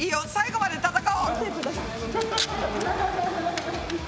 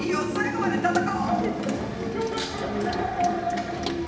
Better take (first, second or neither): first